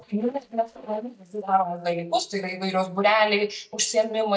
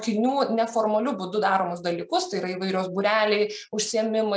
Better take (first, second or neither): second